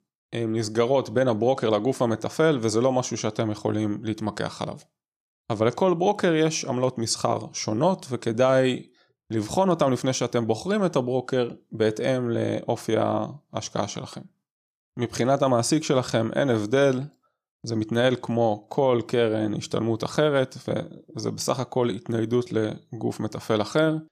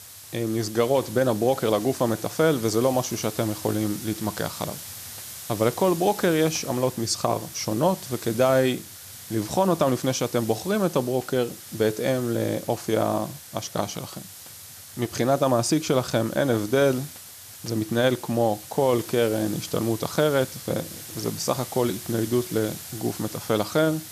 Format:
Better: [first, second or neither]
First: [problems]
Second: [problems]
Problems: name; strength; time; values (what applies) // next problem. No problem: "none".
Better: first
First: none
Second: hiss; noticeable; throughout; 15 dB below the speech